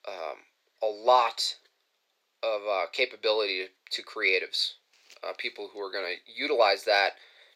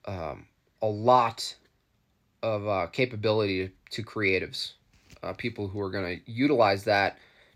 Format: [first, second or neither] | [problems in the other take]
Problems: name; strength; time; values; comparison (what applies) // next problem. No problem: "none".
second | thin; very; fading below 450 Hz